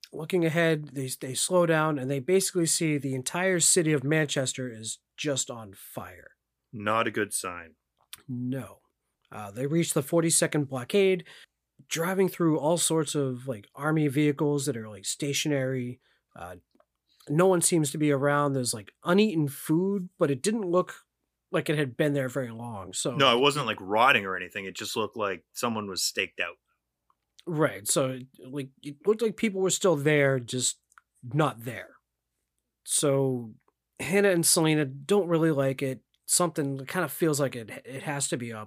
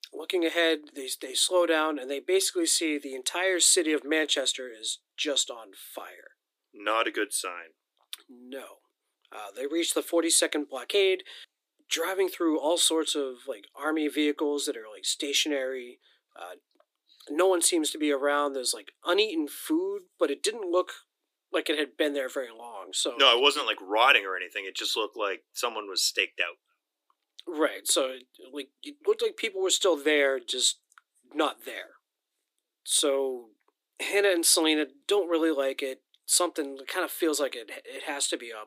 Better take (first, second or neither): first